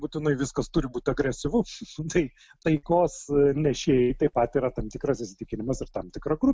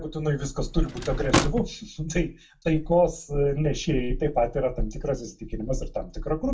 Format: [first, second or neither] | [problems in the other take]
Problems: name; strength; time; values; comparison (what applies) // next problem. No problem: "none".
first | background sound (Drawer open or close / Wood); 3 dB below the speech // room echo; dies away in 0.2 s